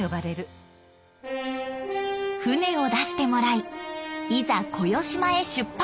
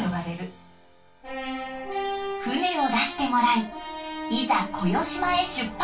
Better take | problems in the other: first | room echo; dies away in 0.2 s

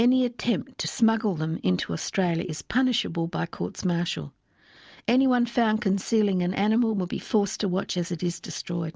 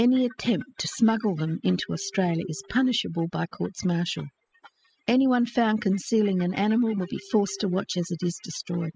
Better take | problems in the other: first | noise reduction (classical method spectral subtraction)

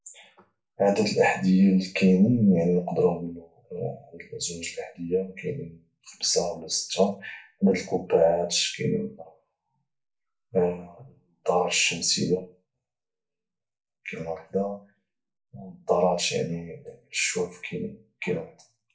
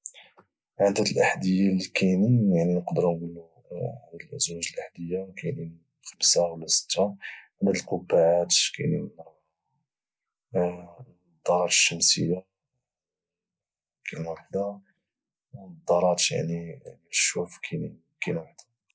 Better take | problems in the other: second | room echo; dies away in 0.3 s

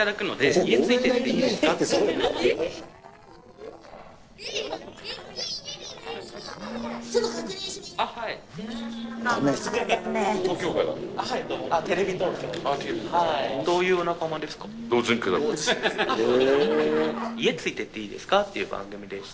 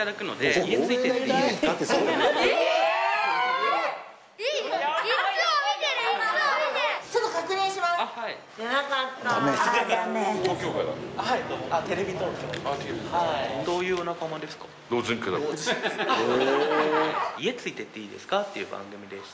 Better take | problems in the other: second | noise reduction (neural separator model SepFormer DNS4)

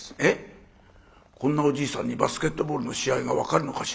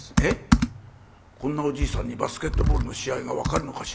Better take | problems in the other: first | background sound (Computer keyboard); 3 dB above the speech

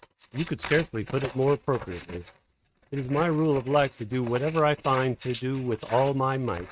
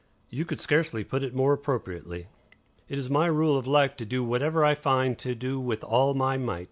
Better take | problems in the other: second | noise reduction (neural mask model RNNoise)

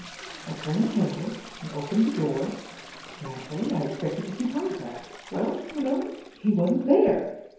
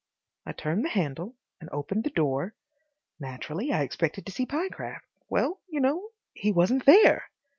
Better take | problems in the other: second | background sound (Toilet flush); 16 dB below the speech // room echo; dies away in 0.9 s

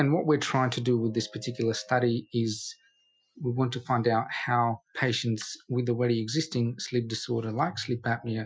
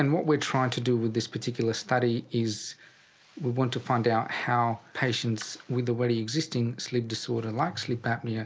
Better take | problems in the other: second | noise reduction (classical method Wiener filter)

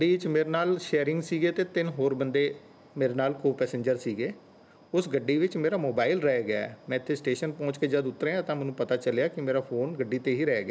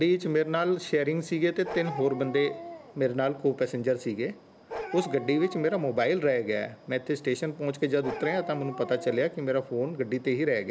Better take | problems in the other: first | background sound (Bark); 13 dB below the speech

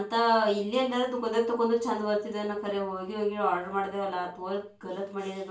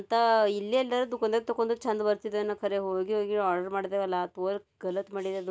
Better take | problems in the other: second | room echo; dies away in 0.3 s

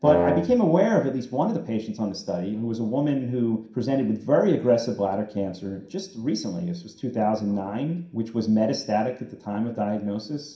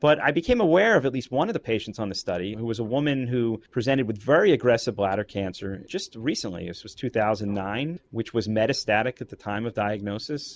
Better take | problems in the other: second | background sound (Wind instrument, woodwind instrument); 1 dB below the speech // room echo; dies away in 0.5 s

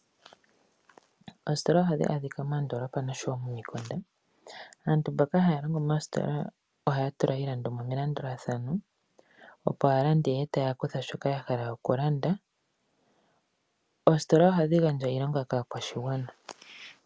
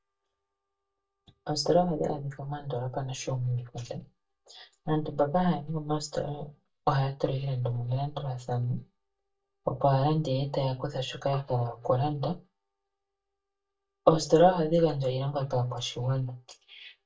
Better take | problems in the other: first | noise reduction (neural mask model DeepFilterNet 3)

